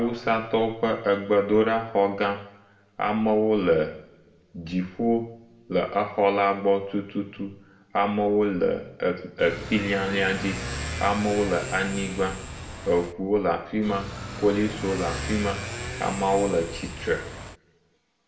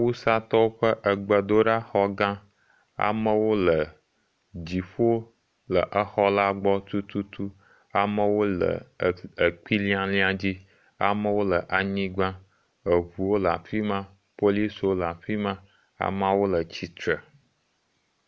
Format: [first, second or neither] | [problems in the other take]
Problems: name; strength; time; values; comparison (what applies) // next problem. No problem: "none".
second | background sound (Motorcycle / Accelerating, revving, vroom); 9 dB below the speech // room echo; dies away in 0.6 s